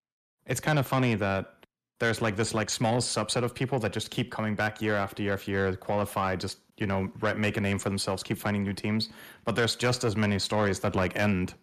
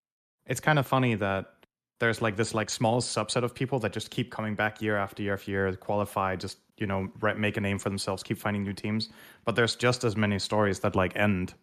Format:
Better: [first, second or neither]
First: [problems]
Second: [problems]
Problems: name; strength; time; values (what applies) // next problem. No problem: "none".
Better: second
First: distortion; slight; 10 dB below the speech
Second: none